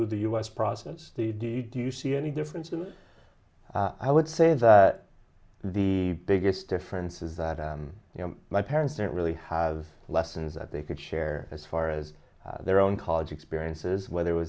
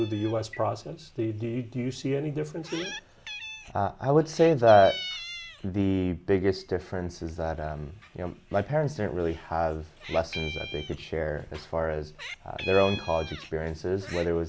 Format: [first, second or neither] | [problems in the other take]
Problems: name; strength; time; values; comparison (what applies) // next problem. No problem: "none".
first | background sound (Meow); 15 dB below the speech